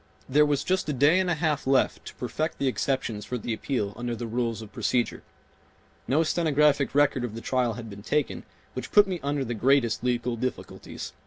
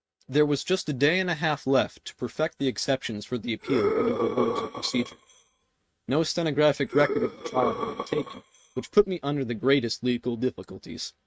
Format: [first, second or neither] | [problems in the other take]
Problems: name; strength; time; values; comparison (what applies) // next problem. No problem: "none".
first | noise reduction (neural mask model RNNoise)